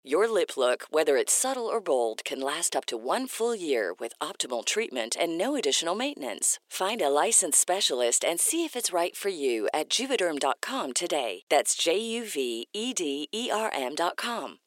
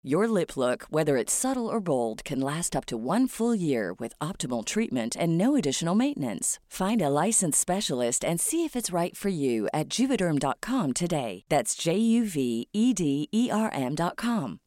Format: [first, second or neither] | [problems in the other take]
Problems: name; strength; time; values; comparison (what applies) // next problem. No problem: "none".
second | thin; somewhat; fading below 400 Hz